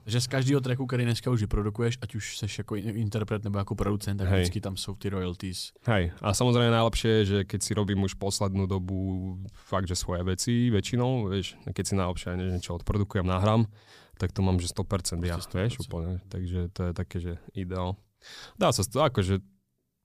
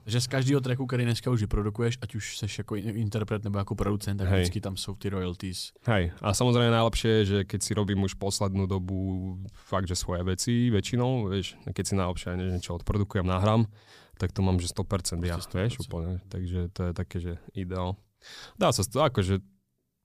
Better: neither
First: none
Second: none

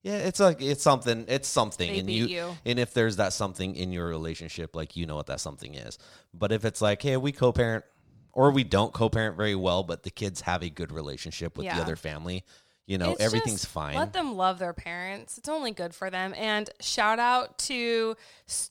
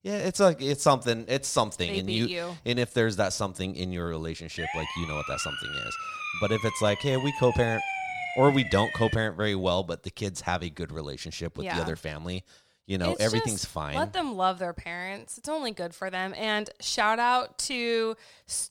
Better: first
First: none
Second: siren; noticeable; from 4.5 to 9 s; peak 3 dB below the speech

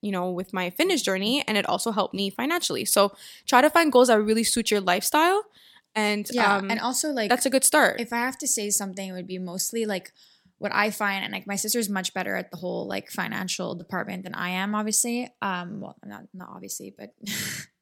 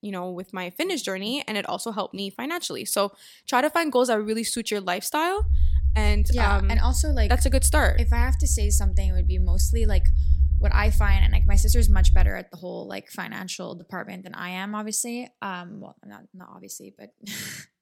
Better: first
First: none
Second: low rumble; noticeable; from 5.5 to 12 s; 15 dB below the speech

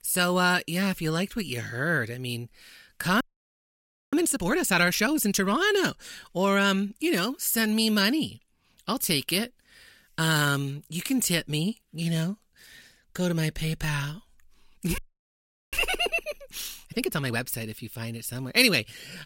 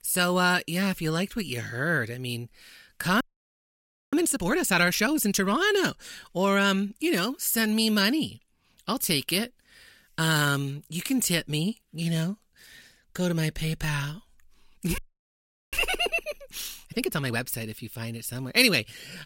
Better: neither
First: audio freezing; at 3 s for 1 s and at 15 s for 1 s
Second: audio freezing; at 3 s for 1 s and at 15 s for 1 s

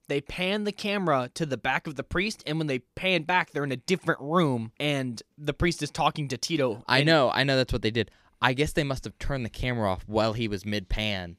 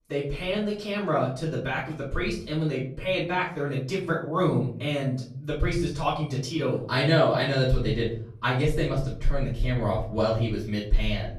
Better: first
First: none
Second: off-mic speech; far // room echo; noticeable; dies away in 0.9 s

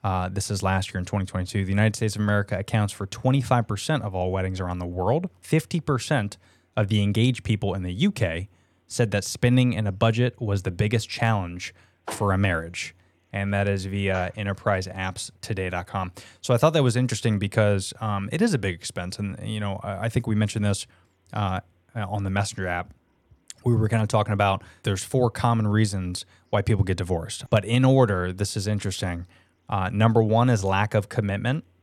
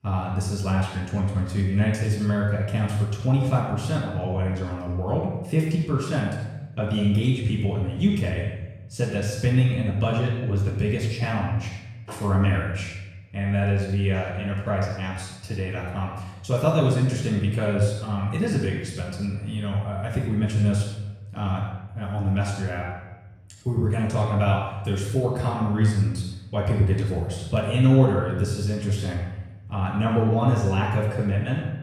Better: first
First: none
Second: room echo; noticeable; dies away in 1 s // off-mic speech; far

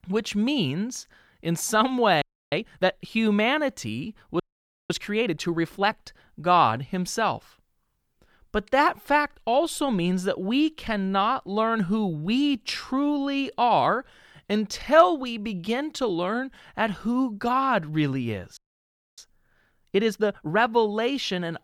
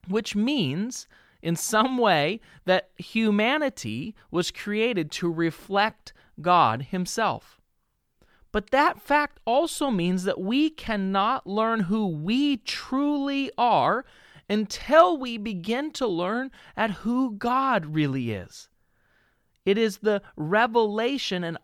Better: second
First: audio freezing; at 2 s, at 4.5 s for 0.5 s and at 19 s for 0.5 s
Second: none

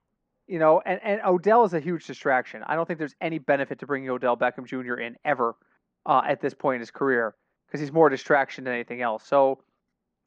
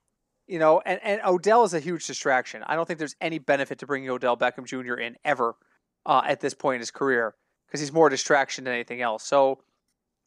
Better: second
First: muffled; very; fading above 2.5 kHz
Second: none

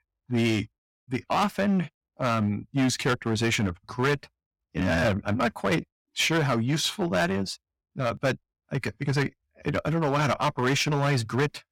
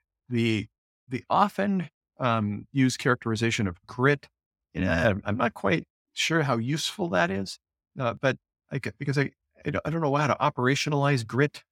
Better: second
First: distortion; heavy; 9% of the sound clipped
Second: none

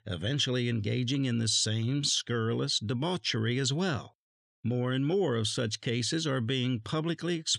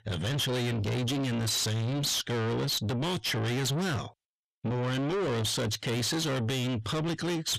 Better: first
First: none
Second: distortion; heavy; 7 dB below the speech

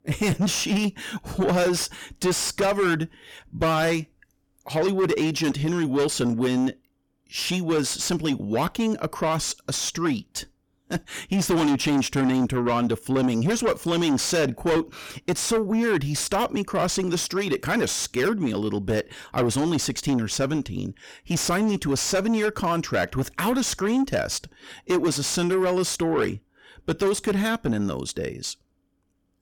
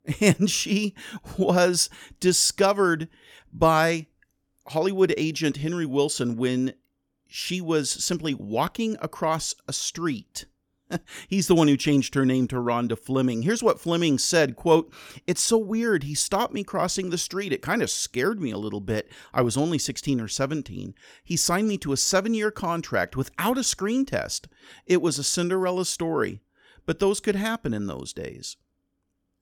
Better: second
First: distortion; heavy; 6 dB below the speech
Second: none

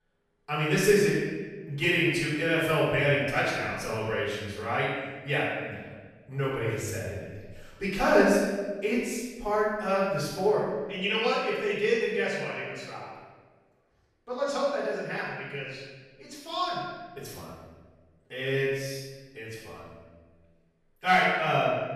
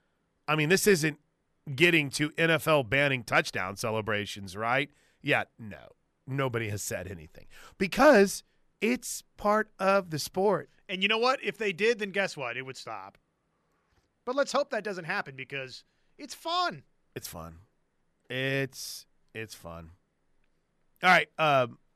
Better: second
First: off-mic speech; far // room echo; strong; dies away in 1.2 s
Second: none

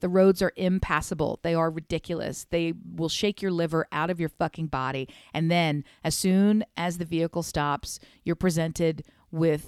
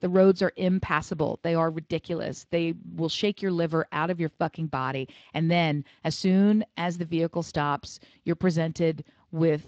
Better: first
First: none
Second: garbled, watery; slightly; nothing above 7.5 kHz

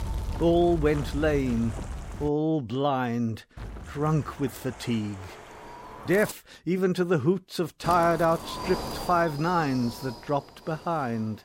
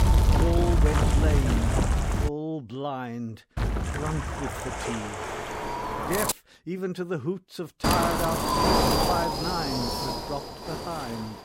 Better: first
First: wind noise on the microphone; occasional gusts; until 2.5 s, from 3.5 to 6.5 s and from 8 s on; 15 dB below the speech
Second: wind noise on the microphone; heavy; until 2.5 s, from 3.5 to 6.5 s and from 8 s on; 5 dB above the speech

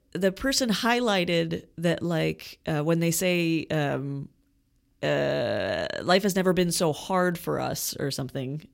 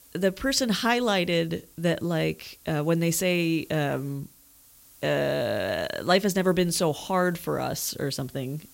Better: first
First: none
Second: hiss; faint; throughout; 25 dB below the speech

